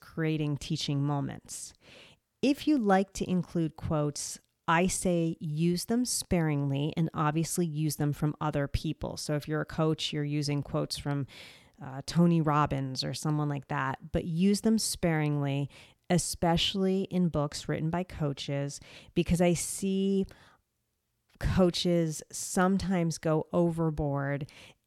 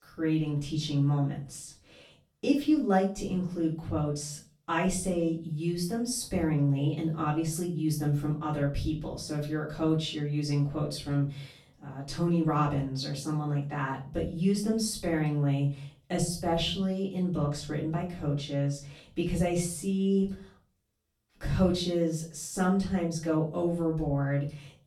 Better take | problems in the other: first | off-mic speech; far // room echo; slight; dies away in 0.3 s

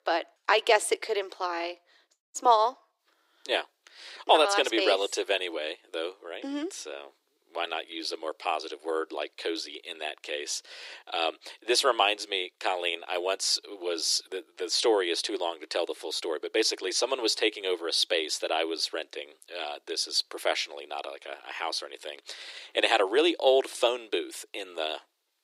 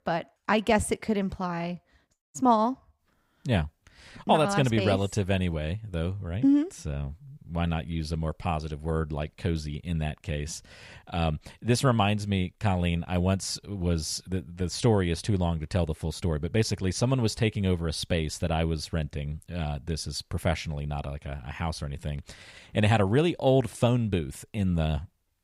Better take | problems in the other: second | thin; very; fading below 300 Hz

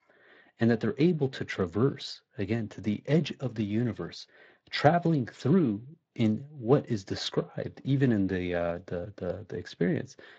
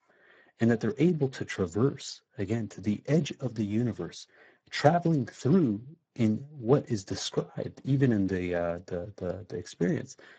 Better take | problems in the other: first | garbled, watery; badly; nothing above 7.5 kHz; slightly in the first

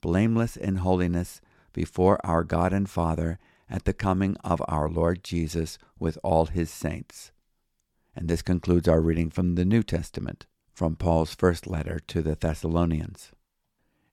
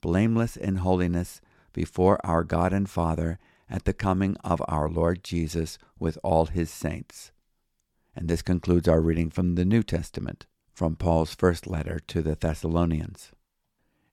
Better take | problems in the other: neither | none

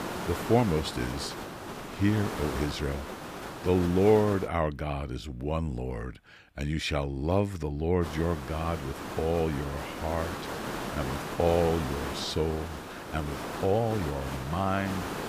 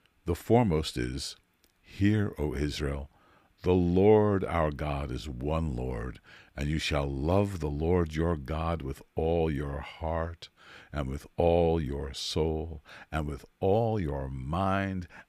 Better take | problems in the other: second | hiss; loud; until 4.5 s and from 8 s on; 7 dB below the speech

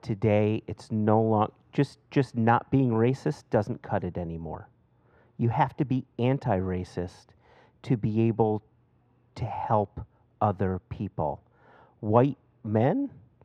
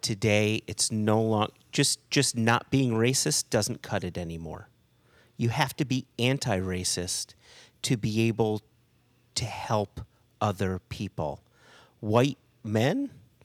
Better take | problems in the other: second | muffled; very; fading above 3.5 kHz

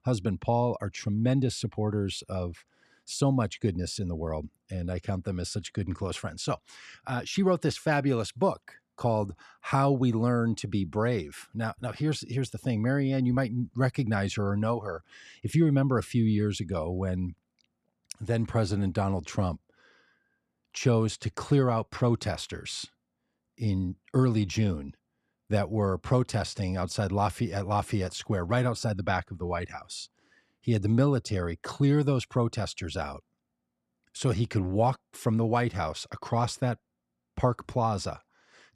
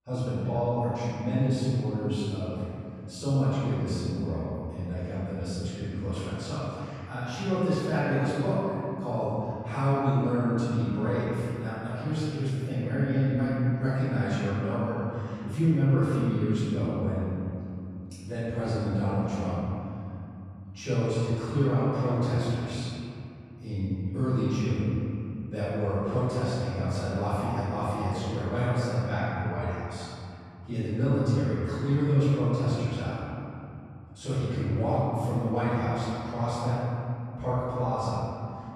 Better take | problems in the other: first | off-mic speech; far // room echo; strong; dies away in 2.9 s

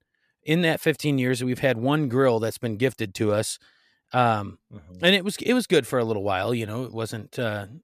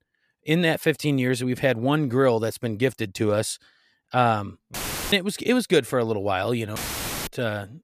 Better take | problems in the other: first | audio cutting out; filled with static; at 4.5 s and at 7 s for 0.5 s

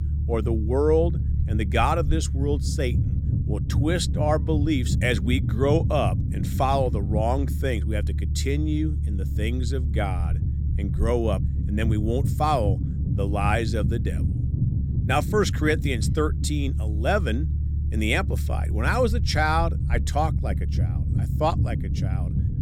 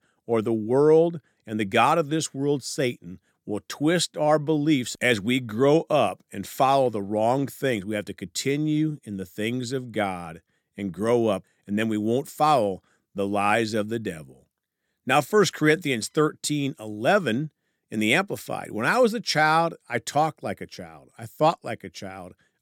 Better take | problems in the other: second | low rumble; noticeable; throughout; 15 dB below the speech

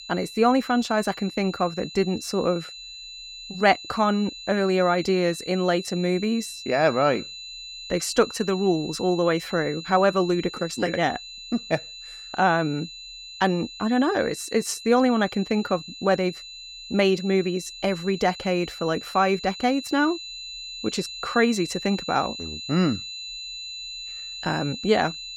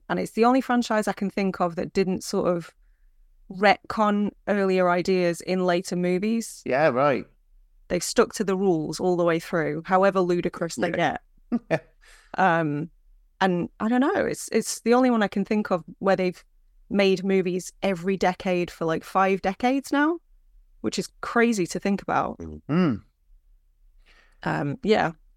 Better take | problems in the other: second | high-pitched whine; noticeable; throughout; 4 kHz, 10 dB below the speech

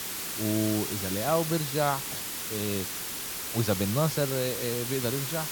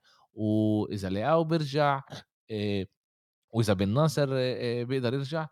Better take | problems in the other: second | hiss; loud; throughout; 2 dB below the speech

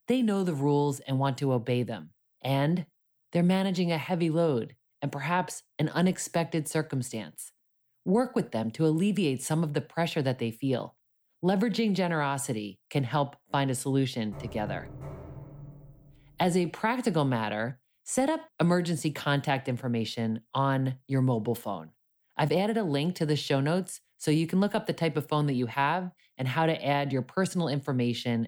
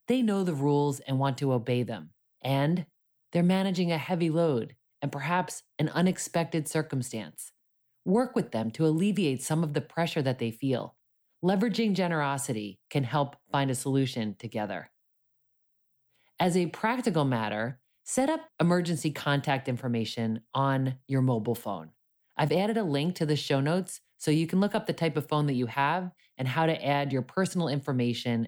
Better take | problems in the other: second | door banging; faint; from 14 to 16 s; peak 10 dB below the speech

